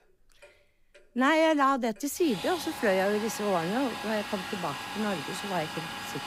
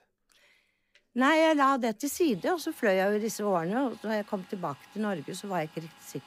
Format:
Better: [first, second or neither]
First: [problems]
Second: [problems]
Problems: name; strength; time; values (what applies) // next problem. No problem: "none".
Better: second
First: household noises; loud; throughout; 8 dB below the speech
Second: household noises; faint; throughout; 25 dB below the speech